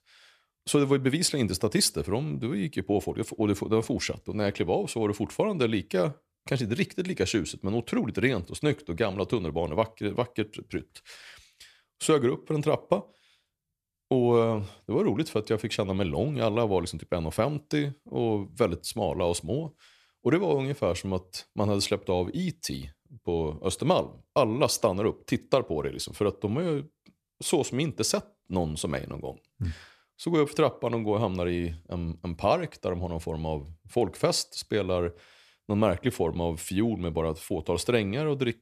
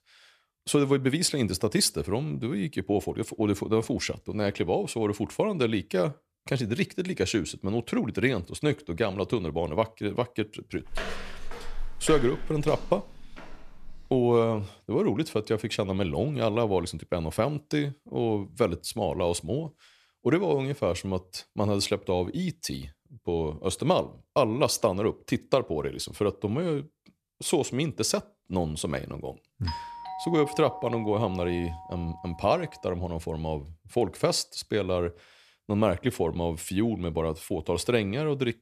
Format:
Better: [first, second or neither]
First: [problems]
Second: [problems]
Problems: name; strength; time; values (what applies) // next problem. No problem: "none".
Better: first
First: none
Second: footsteps; noticeable; from 11 to 14 s; peak 8 dB below the speech // doorbell; noticeable; from 30 to 33 s; peak 9 dB below the speech